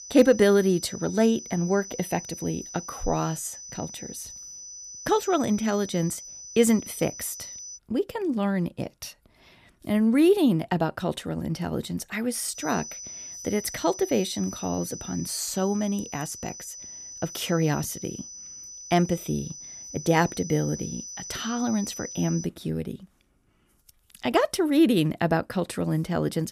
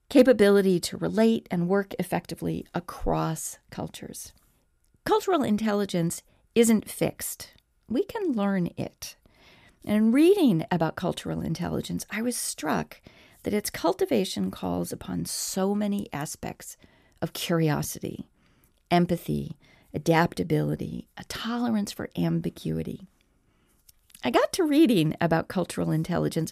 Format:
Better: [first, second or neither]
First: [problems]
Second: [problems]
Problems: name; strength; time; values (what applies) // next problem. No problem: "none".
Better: second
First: high-pitched whine; noticeable; until 8 s and from 13 to 22 s; 6 kHz, 10 dB below the speech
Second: none